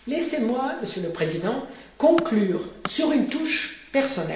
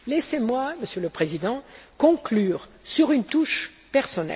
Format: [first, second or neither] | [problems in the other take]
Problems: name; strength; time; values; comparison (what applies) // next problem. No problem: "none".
second | background sound (Tools); 15 dB below the speech // room echo; dies away in 0.7 s